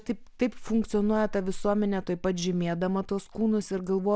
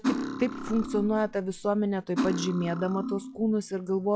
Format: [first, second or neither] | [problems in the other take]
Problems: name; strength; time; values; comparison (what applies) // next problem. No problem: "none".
first | noise reduction (classical method log-MMSE)